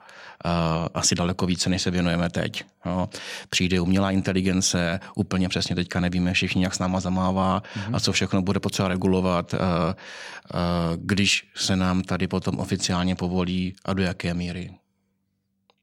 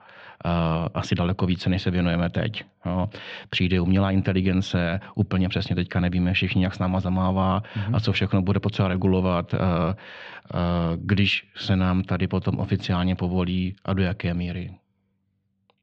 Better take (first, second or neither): first